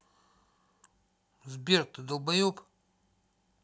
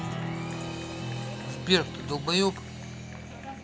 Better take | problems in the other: first | background sound (Applause); 4 dB below the speech

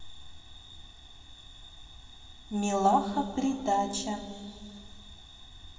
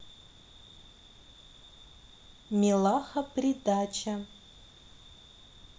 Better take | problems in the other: second | room echo; dies away in 2.7 s

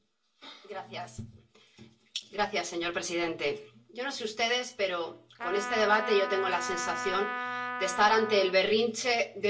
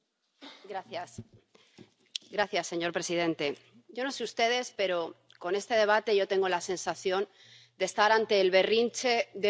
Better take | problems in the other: second | background sound (Trumpet); 5 dB below the speech // room echo; dies away in 0.2 s

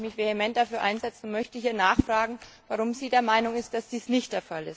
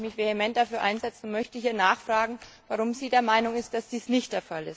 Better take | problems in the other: second | background sound (Whoosh, swoosh, swish); 8 dB below the speech

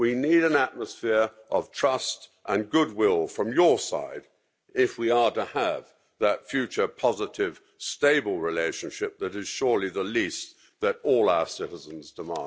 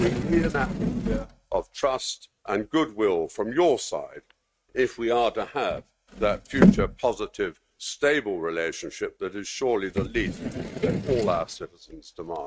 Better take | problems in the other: first | noise reduction (neural mask model RNNoise)

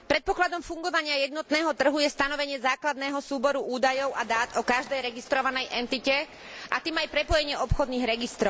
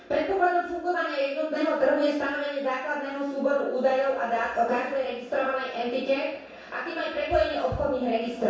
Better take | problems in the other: first | room echo; dies away in 0.7 s

